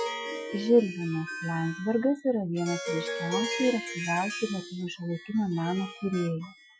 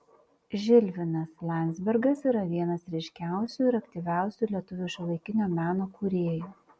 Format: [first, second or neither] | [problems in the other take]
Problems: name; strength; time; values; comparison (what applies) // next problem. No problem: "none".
second | noise reduction (classical method Wiener filter)